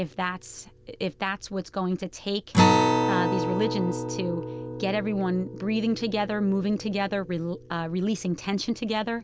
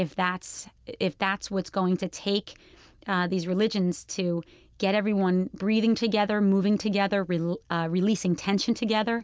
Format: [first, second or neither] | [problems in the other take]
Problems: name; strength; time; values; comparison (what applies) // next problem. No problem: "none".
second | background sound (Acoustic guitar); 1 dB below the speech